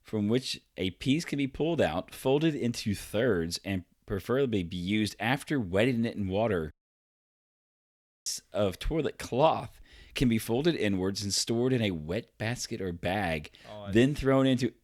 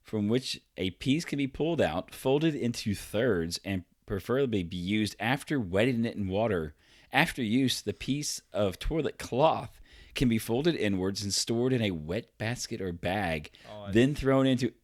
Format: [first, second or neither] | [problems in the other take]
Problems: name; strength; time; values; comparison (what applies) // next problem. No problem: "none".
second | audio cutting out; at 6.5 s for 1.5 s